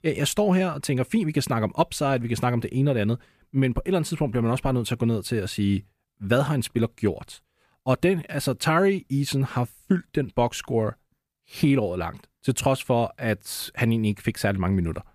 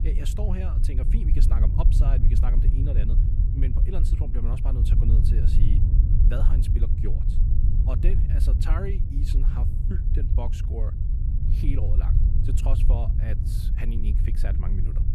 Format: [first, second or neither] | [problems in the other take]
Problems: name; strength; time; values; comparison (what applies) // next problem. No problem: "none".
first | low rumble; loud; throughout; 1 dB below the speech